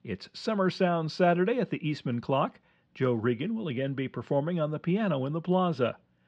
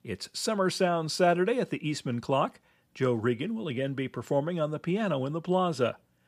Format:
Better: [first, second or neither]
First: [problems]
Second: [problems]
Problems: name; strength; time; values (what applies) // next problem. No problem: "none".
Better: second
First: muffled; very slightly; fading above 4 kHz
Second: none